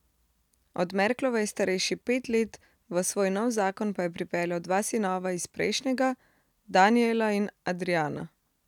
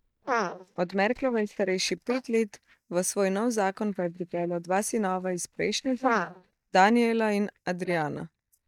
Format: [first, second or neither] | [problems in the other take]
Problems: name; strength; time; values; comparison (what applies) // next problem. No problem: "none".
first | noise reduction (neural mask model DeepFilterNet 3)